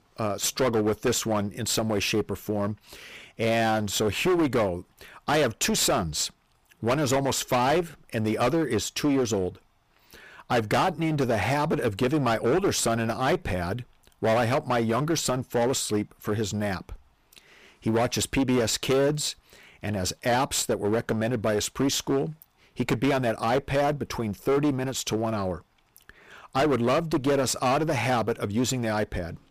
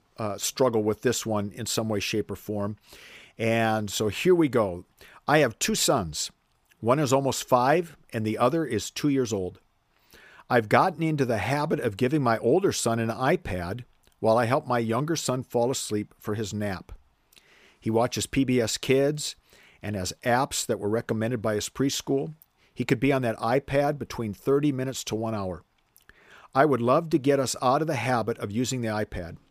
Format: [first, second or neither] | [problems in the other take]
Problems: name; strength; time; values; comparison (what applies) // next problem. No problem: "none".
second | distortion; heavy; 14% of the sound clipped